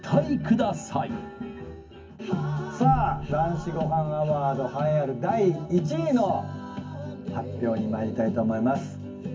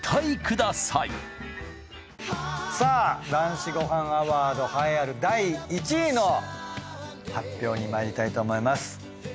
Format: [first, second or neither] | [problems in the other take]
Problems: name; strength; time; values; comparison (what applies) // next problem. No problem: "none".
second | background sound (Boom); 16 dB below the speech // room echo; dies away in 0.3 s